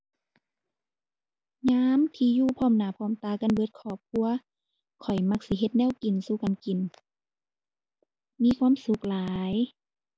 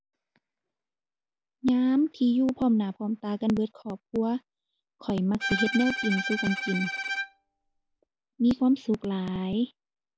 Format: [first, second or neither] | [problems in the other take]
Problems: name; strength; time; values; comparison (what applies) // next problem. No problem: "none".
first | background sound (Bowed string instrument); 5 dB below the speech